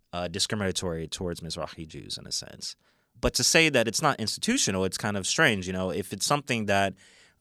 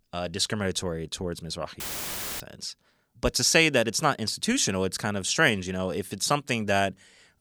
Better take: first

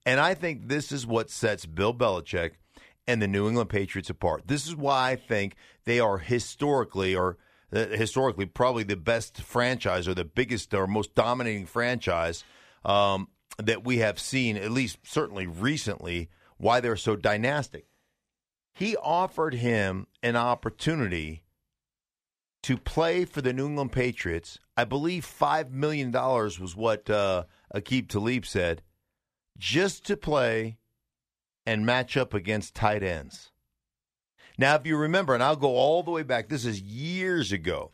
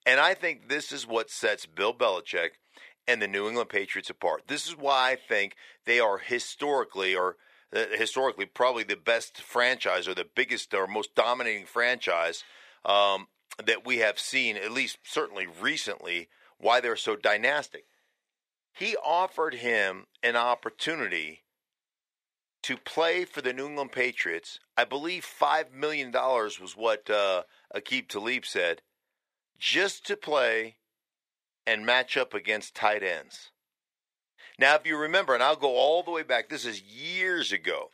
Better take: first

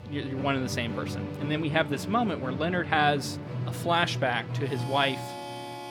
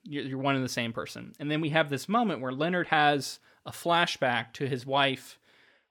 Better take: second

